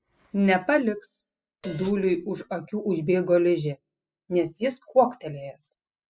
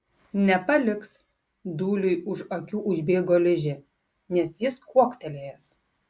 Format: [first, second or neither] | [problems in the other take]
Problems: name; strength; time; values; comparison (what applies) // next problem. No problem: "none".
second | noise reduction (classical method spectral subtraction)